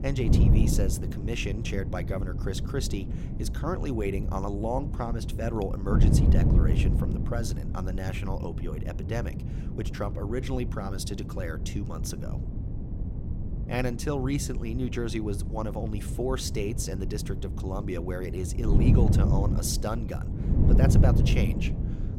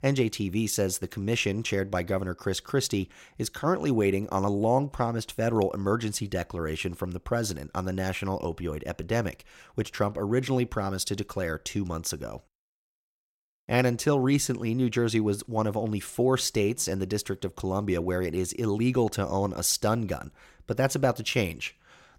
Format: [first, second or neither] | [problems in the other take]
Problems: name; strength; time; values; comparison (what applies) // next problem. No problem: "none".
second | wind noise on the microphone; heavy; 5 dB below the speech